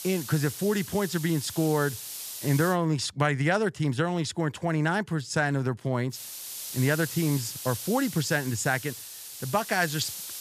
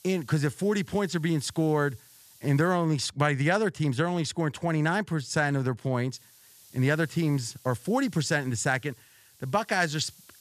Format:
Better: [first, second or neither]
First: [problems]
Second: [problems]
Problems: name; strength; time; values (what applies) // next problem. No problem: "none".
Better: second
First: hiss; loud; until 2.5 s and from 6 s on; 9 dB below the speech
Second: hiss; faint; until 2.5 s and from 6 s on; 25 dB below the speech